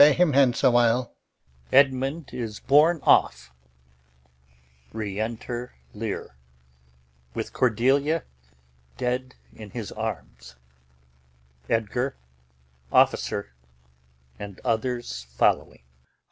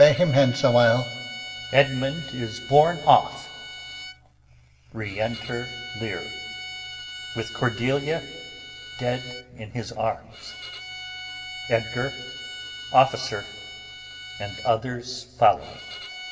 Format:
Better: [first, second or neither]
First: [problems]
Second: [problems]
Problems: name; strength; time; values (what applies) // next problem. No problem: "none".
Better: first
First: none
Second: background sound (Bowed string instrument); 13 dB below the speech // room echo; dies away in 1.3 s